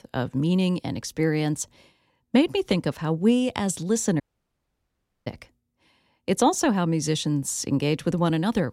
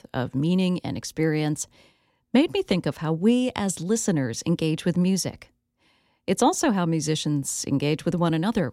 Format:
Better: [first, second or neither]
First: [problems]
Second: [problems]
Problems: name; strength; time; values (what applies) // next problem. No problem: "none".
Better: second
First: audio cutting out; at 4 s for 1 s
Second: none